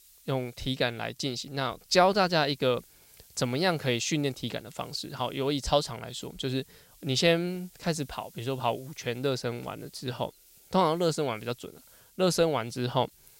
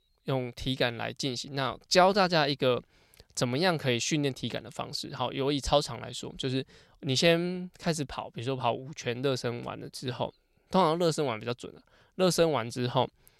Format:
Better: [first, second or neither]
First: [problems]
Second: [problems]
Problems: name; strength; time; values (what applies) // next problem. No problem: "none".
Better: second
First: hiss; faint; throughout; 25 dB below the speech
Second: none